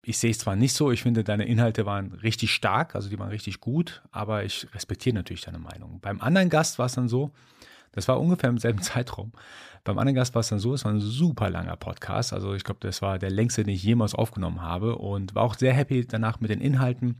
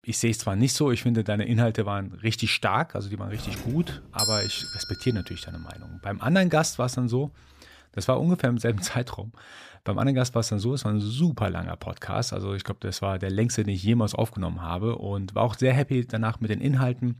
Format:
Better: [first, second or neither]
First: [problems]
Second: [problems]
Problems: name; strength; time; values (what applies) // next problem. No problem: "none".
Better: first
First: none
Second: doorbell; loud; from 3.5 to 5 s; peak 2 dB above the speech